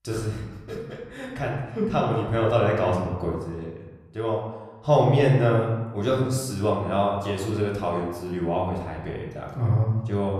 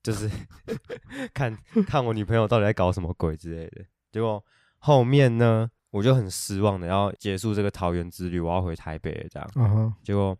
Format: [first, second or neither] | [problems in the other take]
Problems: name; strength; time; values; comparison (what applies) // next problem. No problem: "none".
second | room echo; noticeable; dies away in 1 s // off-mic speech; far